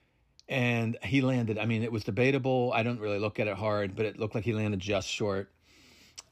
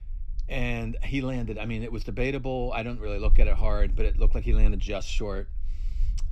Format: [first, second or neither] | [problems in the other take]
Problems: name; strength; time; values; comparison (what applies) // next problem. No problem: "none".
first | low rumble; faint; throughout; 25 dB below the speech